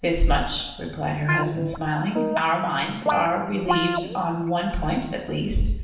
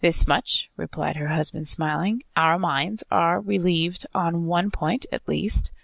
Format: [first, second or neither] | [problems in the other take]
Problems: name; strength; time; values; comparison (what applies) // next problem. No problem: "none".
second | background sound (Guitar); 5 dB below the speech // room echo; dies away in 0.9 s